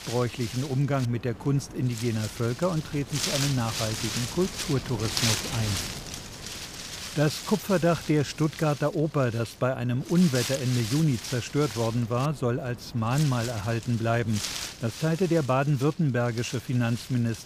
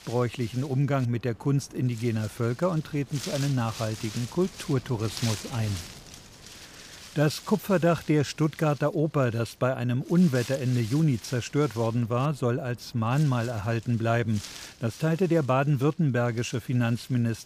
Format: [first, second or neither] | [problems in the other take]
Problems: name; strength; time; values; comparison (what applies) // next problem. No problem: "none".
second | wind noise on the microphone; heavy; 4 dB below the speech; occasional gusts in the second